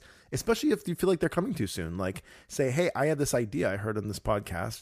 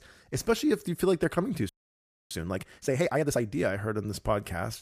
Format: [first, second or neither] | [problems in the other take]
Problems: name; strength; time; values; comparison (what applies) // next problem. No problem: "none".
first | audio freezing; at 1.5 s for 0.5 s